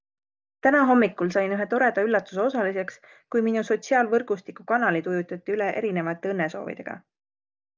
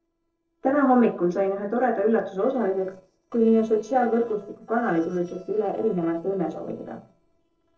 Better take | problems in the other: first | noise reduction (neural separator model SepFormer DNS4)

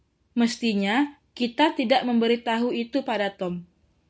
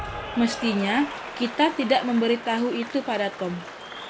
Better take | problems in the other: first | background sound (Applause / Cheering); 11 dB below the speech

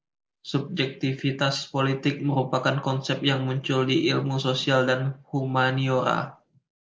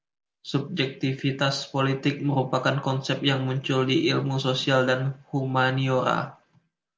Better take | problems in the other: second | noise reduction (neural mask model Resemble Enhance denoiser)

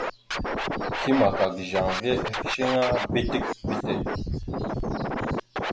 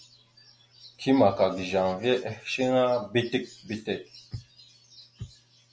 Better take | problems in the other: second | background sound (Scratching (performance technique)); 1 dB below the speech

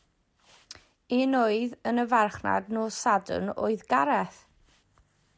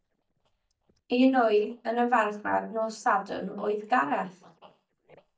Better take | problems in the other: first | noise reduction (neural mask model DeepFilterNet 3)

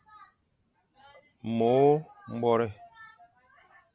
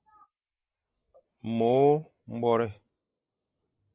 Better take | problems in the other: first | noise reduction (neural mask model Resemble Enhance denoiser)

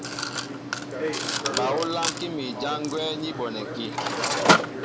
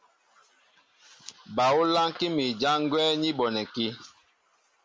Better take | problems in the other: second | background sound (Mechanisms); 5 dB above the speech

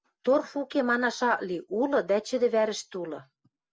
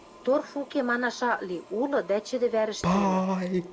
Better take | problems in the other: first | background sound (Toilet flush); 3 dB below the speech

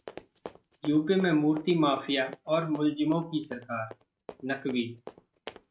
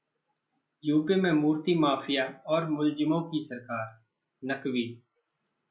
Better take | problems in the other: second | noise reduction (neural mask model RNNoise)

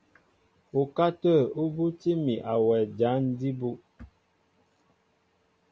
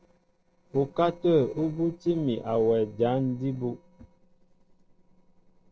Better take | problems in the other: first | noise reduction (neural separator model SepFormer DNS4)

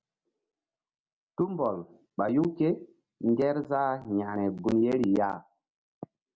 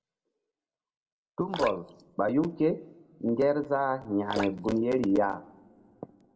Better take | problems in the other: first | background sound (Drip); 12 dB below the speech // room echo; dies away in 0.6 s

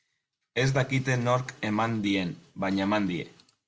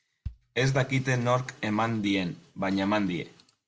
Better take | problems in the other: first | background sound (Bass drum); 19 dB below the speech

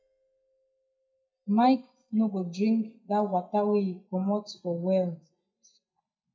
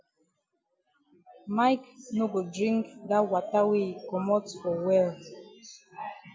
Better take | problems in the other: second | noise reduction (neural mask model DeepFilterNet 3)

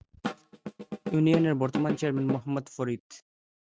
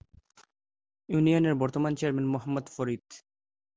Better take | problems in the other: second | noise reduction (neural mask model RNNoise)

